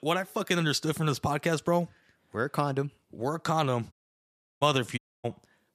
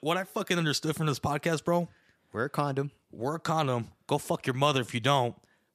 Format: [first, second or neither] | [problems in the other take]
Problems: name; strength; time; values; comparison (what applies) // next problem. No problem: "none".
second | audio cutting out; at 4 s for 0.5 s and at 5 s